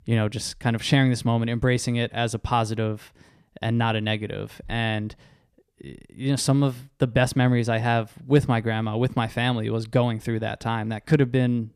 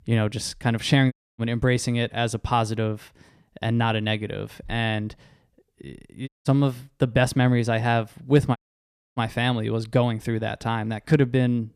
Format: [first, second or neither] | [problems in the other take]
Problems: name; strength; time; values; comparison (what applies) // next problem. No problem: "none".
first | audio cutting out; at 1 s, at 6.5 s and at 8.5 s for 0.5 s